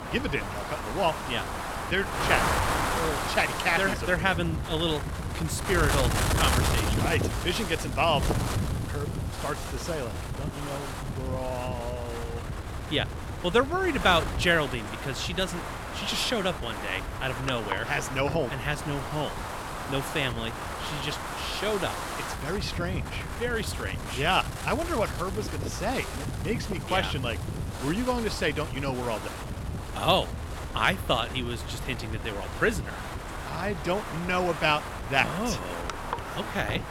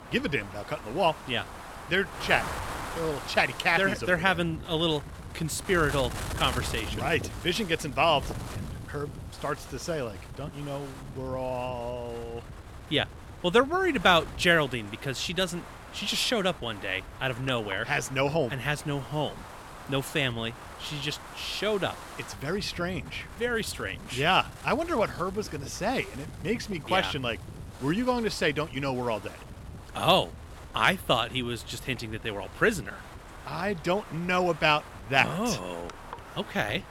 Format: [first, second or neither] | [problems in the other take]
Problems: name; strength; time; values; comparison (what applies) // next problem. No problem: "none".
second | wind noise on the microphone; heavy; 5 dB below the speech; occasional gusts in the second